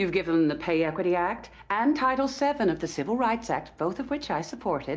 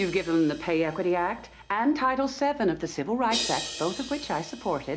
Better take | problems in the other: first | background sound (Crash cymbal); 12 dB below the speech

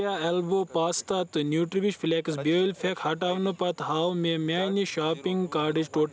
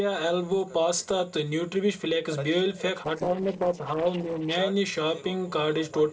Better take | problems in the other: first | noise reduction (neural separator model SepFormer DNS4)

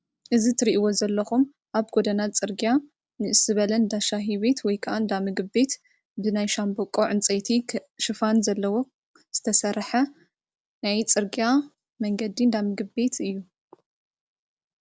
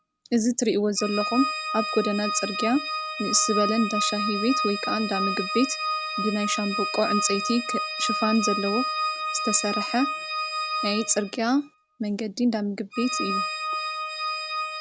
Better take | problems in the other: first | background sound (Organ); 3 dB below the speech

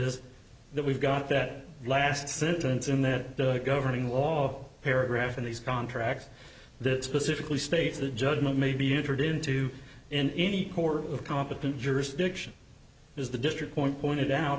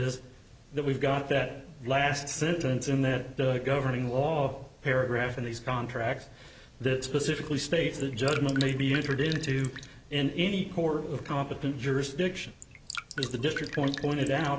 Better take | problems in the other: first | background sound (Drip); 11 dB below the speech

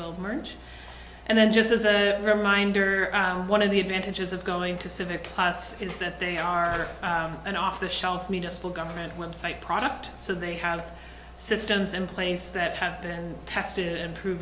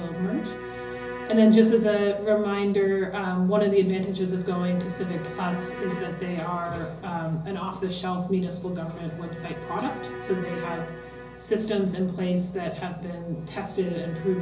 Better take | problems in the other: first | background sound (Bowed string instrument); 14 dB below the speech // room echo; dies away in 0.5 s

